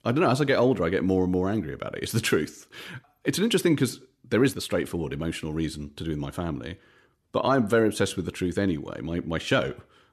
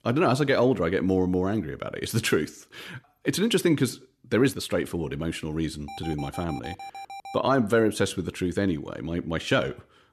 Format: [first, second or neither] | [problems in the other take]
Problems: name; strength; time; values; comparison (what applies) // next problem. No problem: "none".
first | alarm; faint; from 6 to 7.5 s; peak 15 dB below the speech